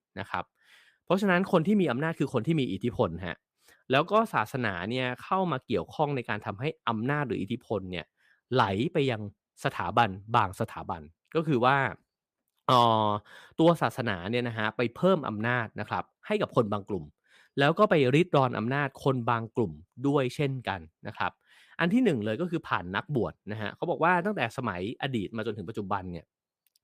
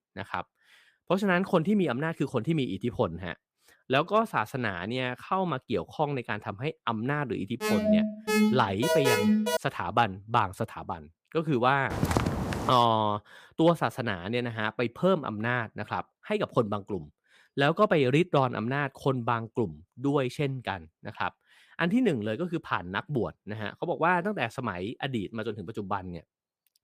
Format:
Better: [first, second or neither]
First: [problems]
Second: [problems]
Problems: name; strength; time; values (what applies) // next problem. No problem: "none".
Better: first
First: none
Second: alarm; loud; from 7.5 to 9.5 s; peak 5 dB above the speech // footsteps; loud; at 12 s; peak 1 dB above the speech